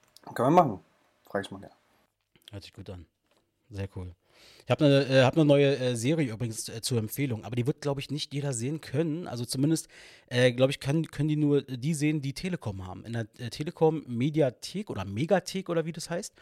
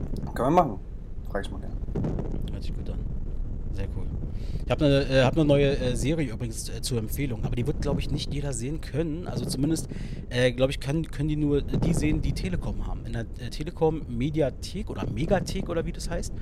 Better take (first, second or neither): first